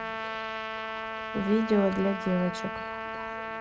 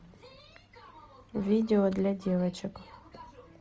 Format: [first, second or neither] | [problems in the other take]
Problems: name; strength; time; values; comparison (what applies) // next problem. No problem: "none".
second | background sound (Trumpet); 5 dB below the speech